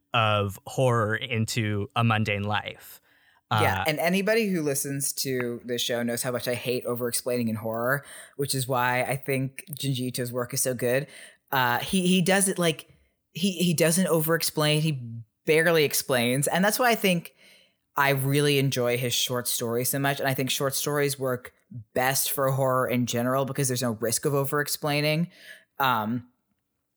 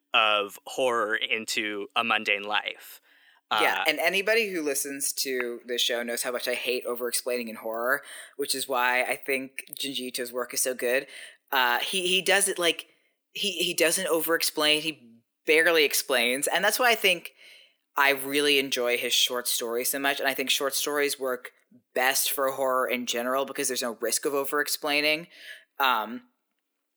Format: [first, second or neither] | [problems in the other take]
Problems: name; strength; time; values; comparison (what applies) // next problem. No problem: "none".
first | thin; somewhat; fading below 300 Hz